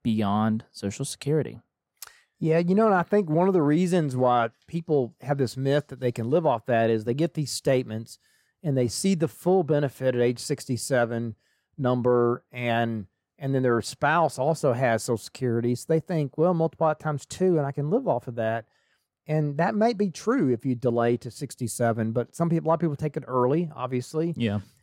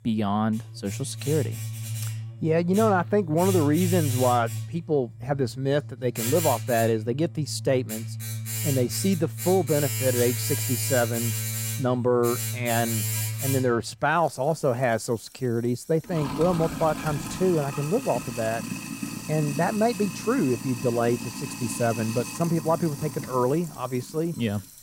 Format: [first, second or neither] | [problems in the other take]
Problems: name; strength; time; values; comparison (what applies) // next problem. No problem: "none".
first | household noises; loud; throughout; 5 dB below the speech